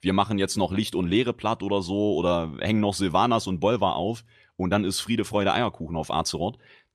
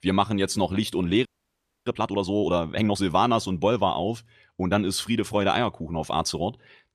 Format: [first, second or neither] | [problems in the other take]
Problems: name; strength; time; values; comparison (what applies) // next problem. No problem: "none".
first | audio freezing; at 1.5 s for 0.5 s